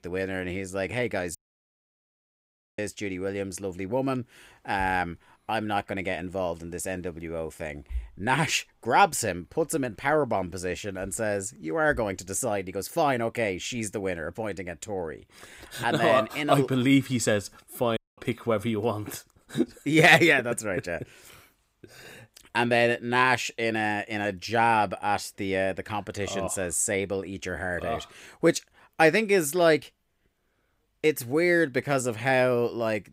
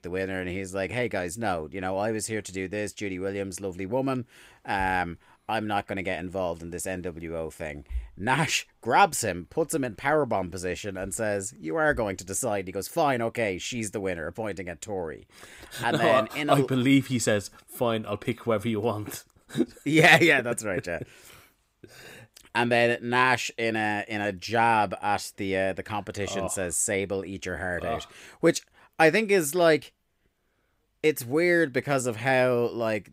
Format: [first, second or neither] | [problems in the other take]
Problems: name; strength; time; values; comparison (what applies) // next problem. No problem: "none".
second | audio cutting out; at 1.5 s for 1.5 s and at 18 s